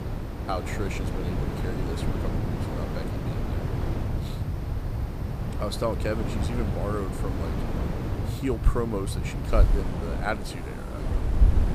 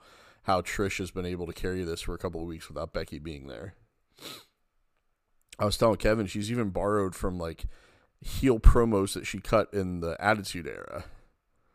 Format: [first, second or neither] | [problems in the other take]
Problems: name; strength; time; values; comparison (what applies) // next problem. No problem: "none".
second | wind in the background; very loud; throughout; 3 dB above the speech